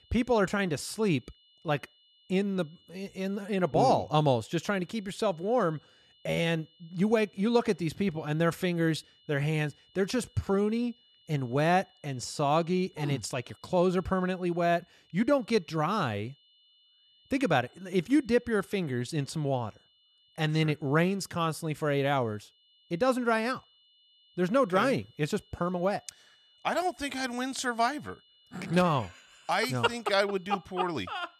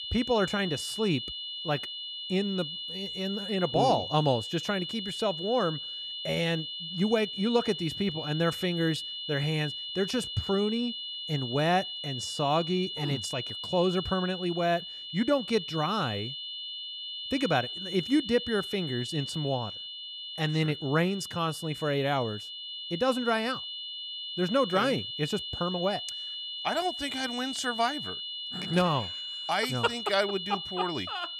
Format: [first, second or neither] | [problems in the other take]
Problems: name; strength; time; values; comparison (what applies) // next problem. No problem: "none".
first | high-pitched whine; loud; throughout; 3 kHz, 6 dB below the speech; faint in the first